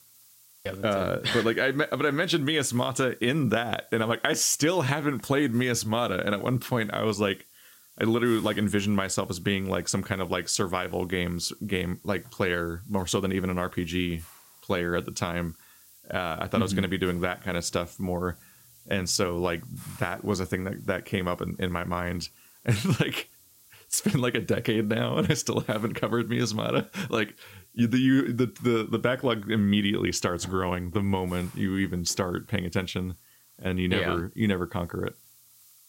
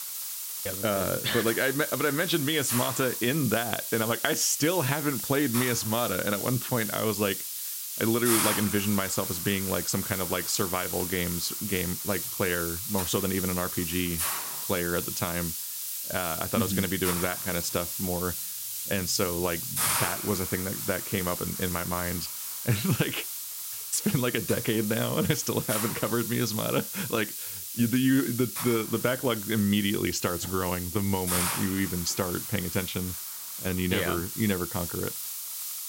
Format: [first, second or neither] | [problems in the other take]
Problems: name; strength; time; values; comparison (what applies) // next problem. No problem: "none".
first | hiss; loud; throughout; 3 dB below the speech; faint in the first